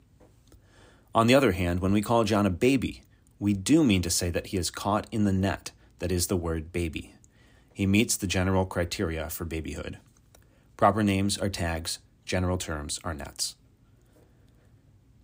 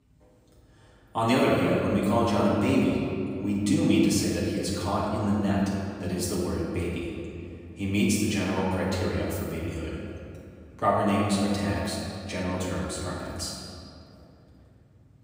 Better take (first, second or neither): first